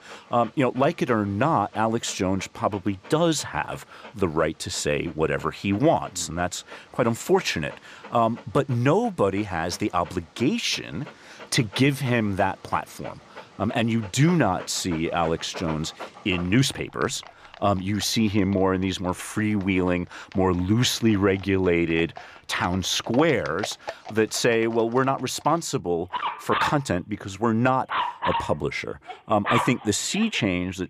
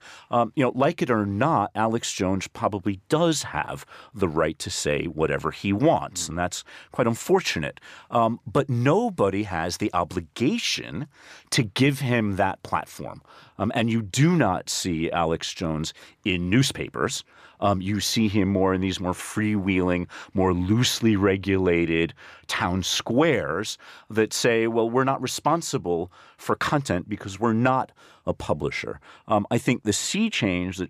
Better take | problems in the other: second | animal sounds; noticeable; throughout; 10 dB below the speech

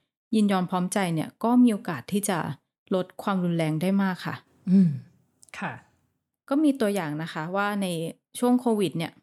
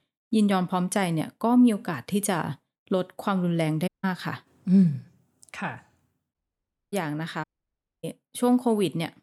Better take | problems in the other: first | audio cutting out; at 4 s, at 6.5 s for 0.5 s and at 7.5 s for 0.5 s

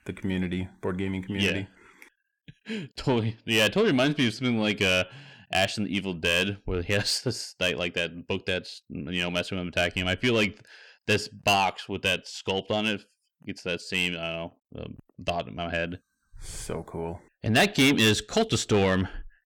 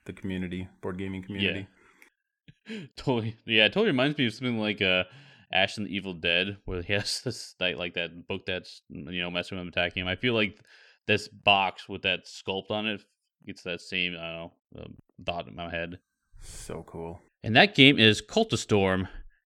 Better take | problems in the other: second | distortion; heavy; 7 dB below the speech

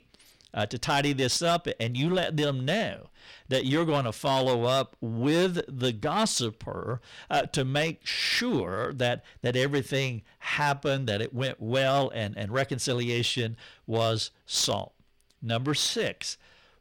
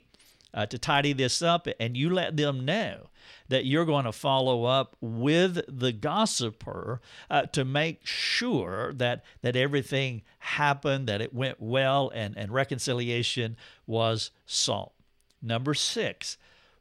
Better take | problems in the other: second | distortion; slight; 6% of the sound clipped

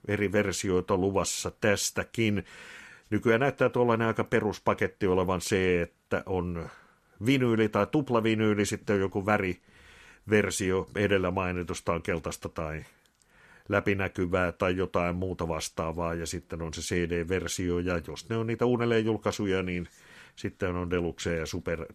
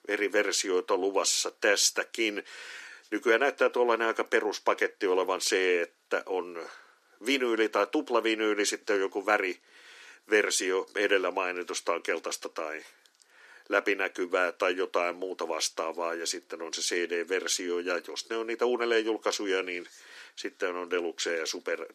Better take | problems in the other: first | thin; somewhat; fading below 300 Hz

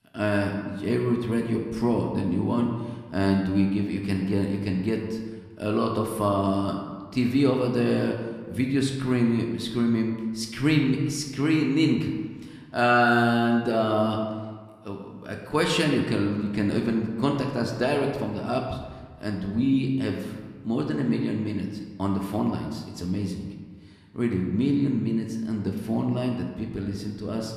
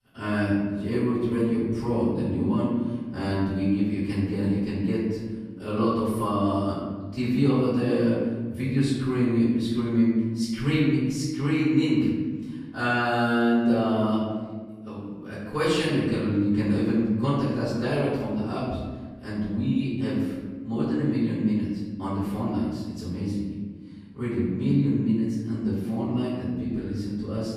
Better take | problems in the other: first | room echo; strong; dies away in 1.6 s; slight in the first // off-mic speech; far

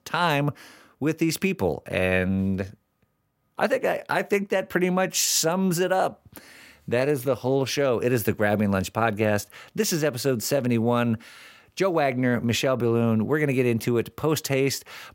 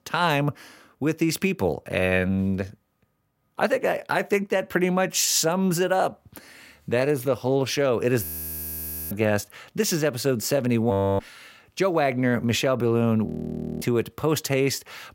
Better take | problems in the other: first | audio freezing; at 8 s for 1 s, at 11 s and at 13 s for 0.5 s

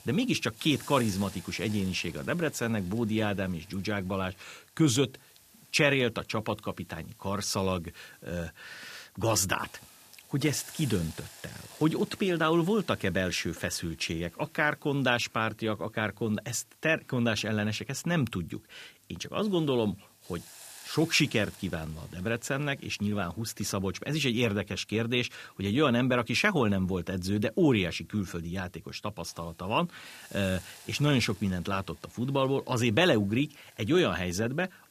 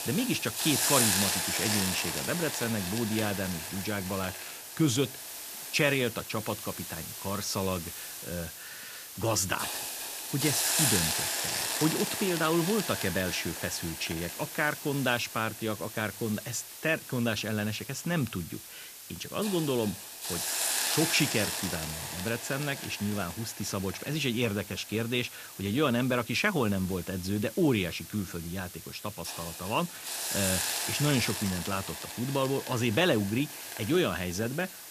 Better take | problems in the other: first | hiss; loud; throughout; 2 dB below the speech; faint in the first

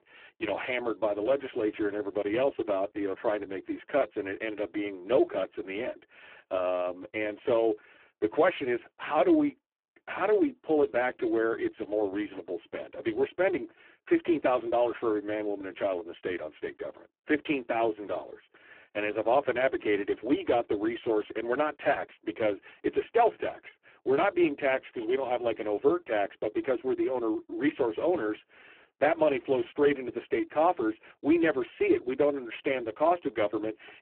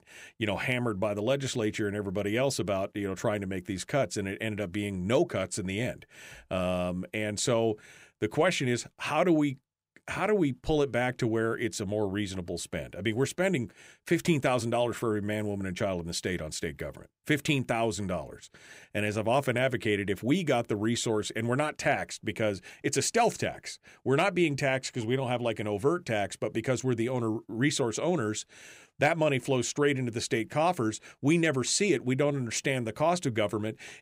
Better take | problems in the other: second | phone-call audio; poor line

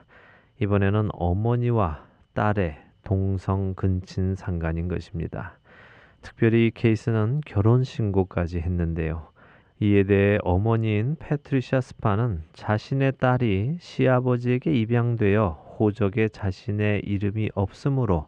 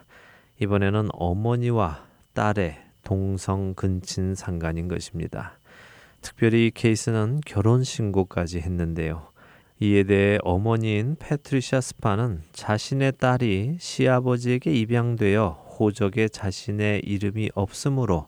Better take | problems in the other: second | muffled; slightly; fading above 2.5 kHz

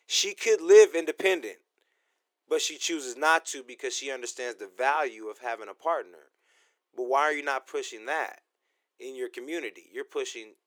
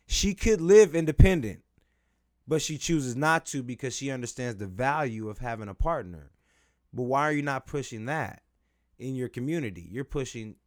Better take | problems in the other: second | thin; very; fading below 350 Hz

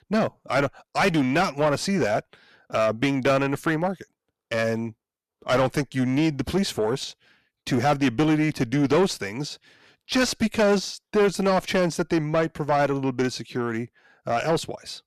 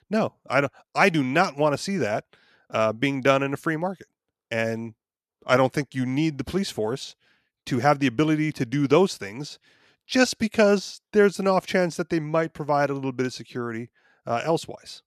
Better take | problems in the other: second | distortion; heavy; 7 dB below the speech

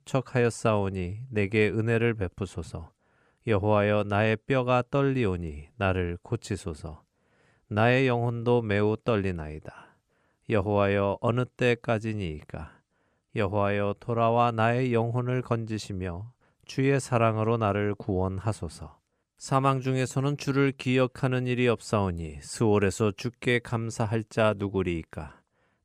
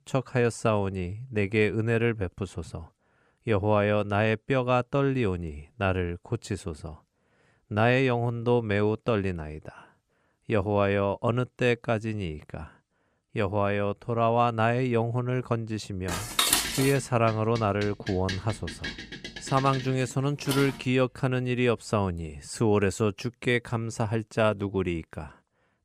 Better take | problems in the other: first | clattering dishes; loud; from 16 to 21 s; peak 5 dB above the speech

